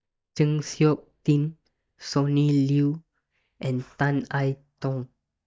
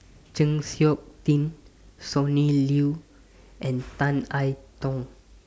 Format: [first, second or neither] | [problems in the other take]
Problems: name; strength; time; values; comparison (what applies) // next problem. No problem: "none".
second | noise reduction (neural mask model DeepFilterNet 3)